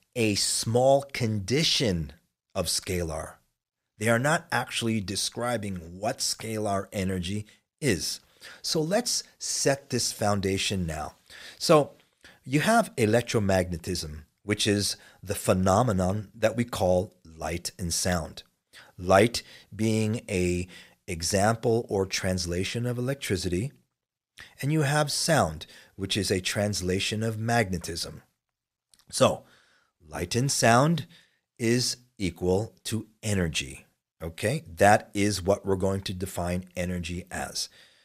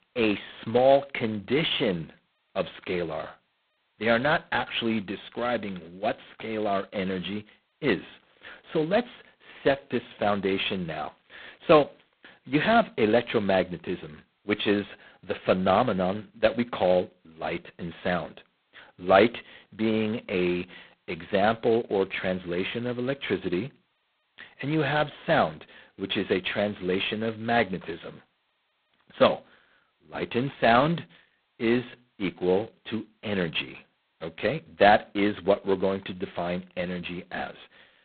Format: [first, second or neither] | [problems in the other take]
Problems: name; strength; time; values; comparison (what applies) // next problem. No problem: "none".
first | phone-call audio; poor line; nothing above 4 kHz